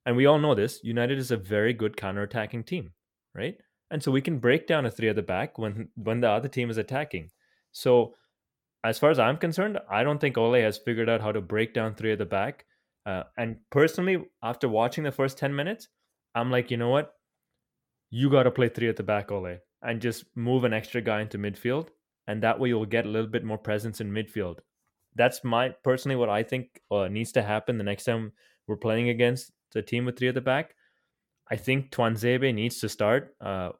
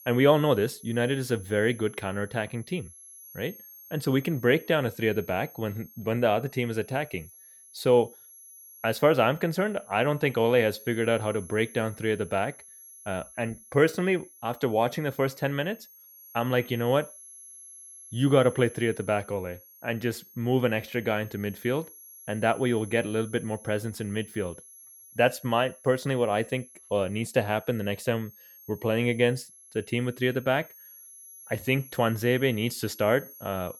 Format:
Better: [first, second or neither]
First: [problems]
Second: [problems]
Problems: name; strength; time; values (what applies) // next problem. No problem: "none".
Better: first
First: none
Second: high-pitched whine; noticeable; throughout; 11 kHz, 20 dB below the speech